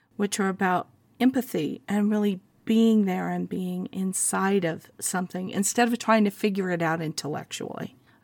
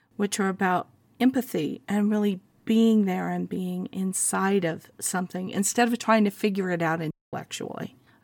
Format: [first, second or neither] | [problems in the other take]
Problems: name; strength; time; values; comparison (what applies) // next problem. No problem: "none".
first | audio cutting out; at 7 s